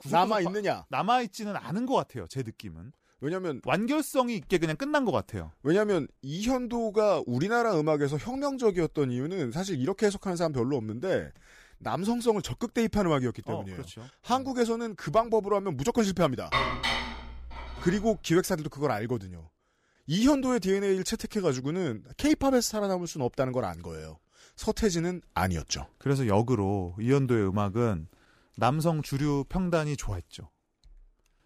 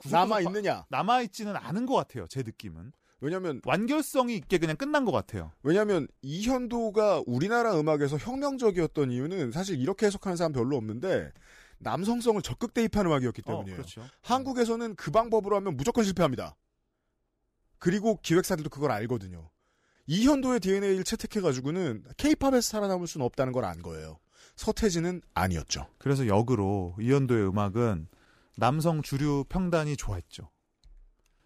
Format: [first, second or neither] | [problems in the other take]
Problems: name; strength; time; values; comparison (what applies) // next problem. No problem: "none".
second | clattering dishes; loud; from 17 to 18 s; peak 2 dB above the speech